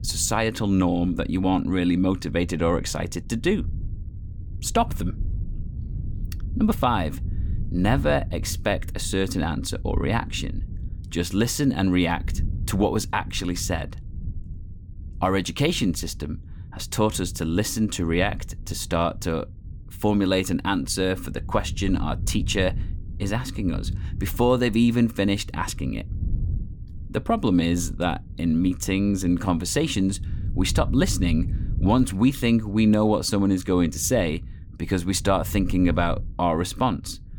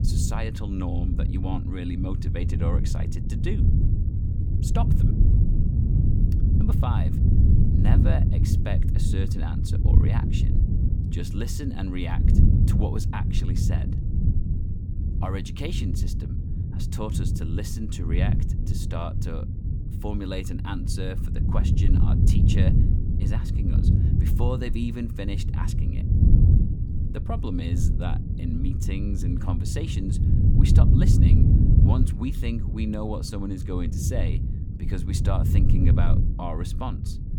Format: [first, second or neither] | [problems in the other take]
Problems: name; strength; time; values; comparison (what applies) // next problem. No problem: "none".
first | low rumble; loud; throughout; 1 dB below the speech; faint in the first